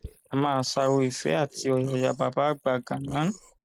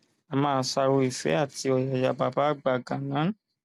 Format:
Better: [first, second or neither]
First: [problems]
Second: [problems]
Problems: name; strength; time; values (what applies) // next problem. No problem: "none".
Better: second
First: noise reduction (neural mask model Resemble Enhance denoiser)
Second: none